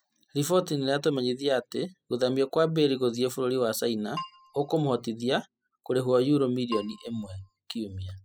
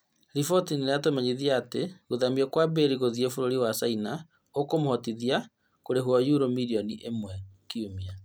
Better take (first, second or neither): second